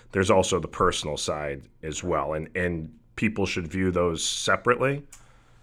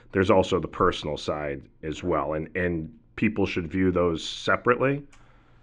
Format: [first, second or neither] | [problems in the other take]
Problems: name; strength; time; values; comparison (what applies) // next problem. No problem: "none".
first | muffled; slightly; fading above 3.5 kHz